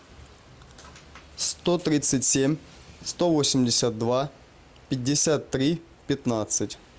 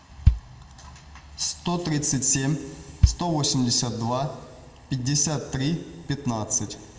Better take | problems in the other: first | background sound (Bass drum); 1 dB below the speech // room echo; dies away in 1.4 s

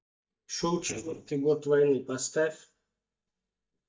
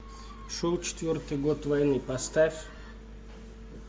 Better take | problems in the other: second | noise reduction (neural mask model DeepFilterNet 3)

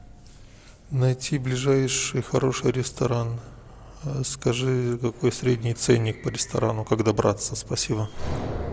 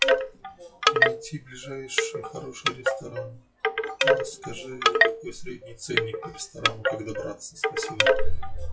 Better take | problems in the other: first | noise reduction (classical method WPE with log-MMSE)

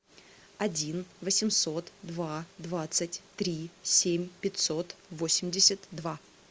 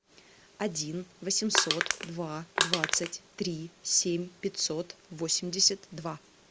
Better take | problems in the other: first | background sound (Crushing); 3 dB above the speech

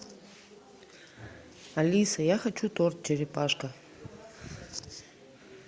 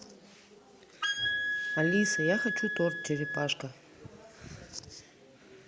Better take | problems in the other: first | background sound (Wind instrument, woodwind instrument); 1 dB above the speech

